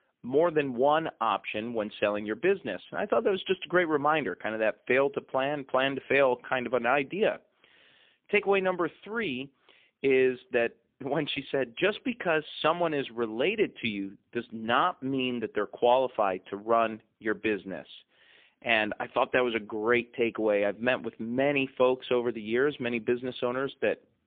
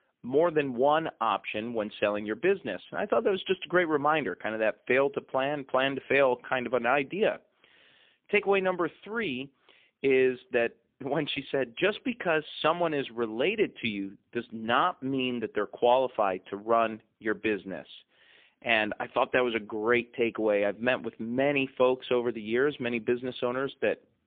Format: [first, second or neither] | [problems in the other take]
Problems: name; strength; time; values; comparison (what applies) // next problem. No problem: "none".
neither | phone-call audio; poor line; the same in both